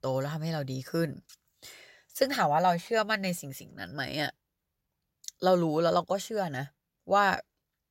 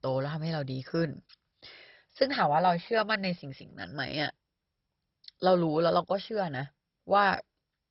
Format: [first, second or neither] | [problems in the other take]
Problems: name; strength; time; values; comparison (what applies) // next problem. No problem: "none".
first | garbled, watery; badly; nothing above 5.5 kHz